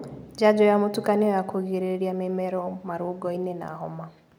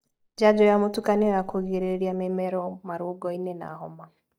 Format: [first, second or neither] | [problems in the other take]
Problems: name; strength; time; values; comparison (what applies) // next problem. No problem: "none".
first | noise reduction (neural mask model DeepFilterNet 3)